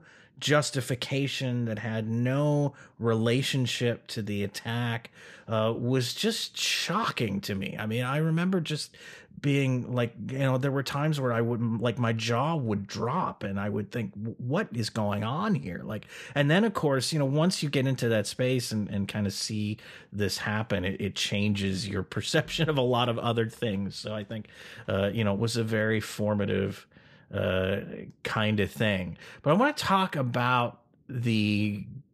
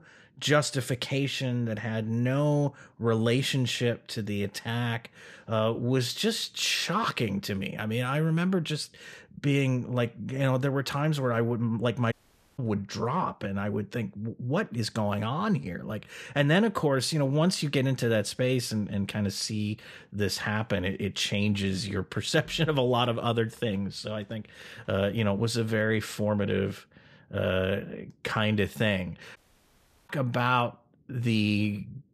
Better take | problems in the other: first | audio cutting out; at 12 s and at 29 s for 0.5 s

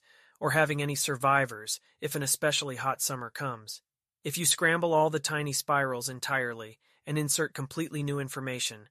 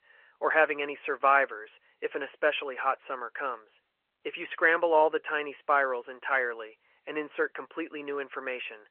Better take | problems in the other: first | phone-call audio

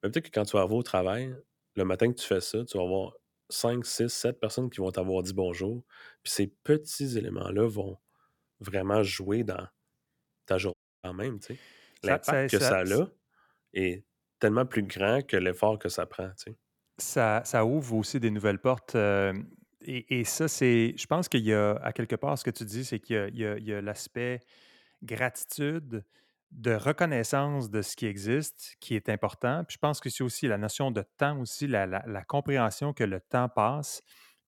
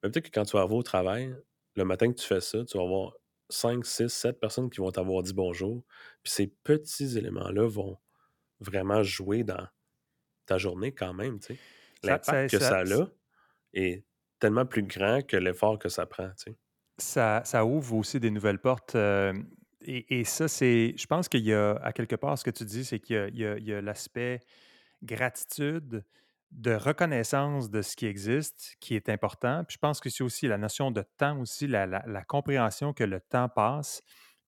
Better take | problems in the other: second | audio cutting out; at 11 s

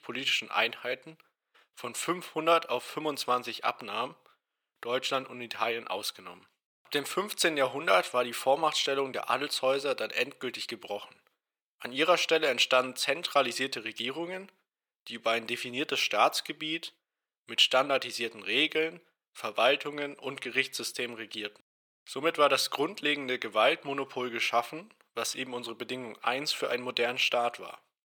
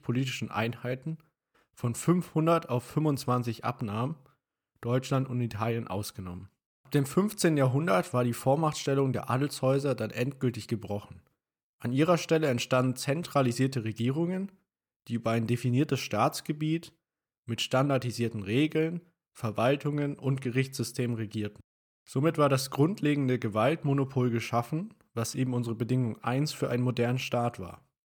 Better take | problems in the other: second | thin; very; fading below 550 Hz

